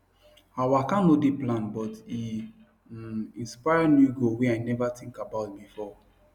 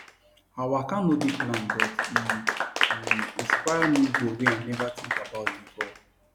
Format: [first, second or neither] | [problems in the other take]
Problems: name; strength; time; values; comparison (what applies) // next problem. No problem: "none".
first | background sound (Applause / Clapping); as loud as the speech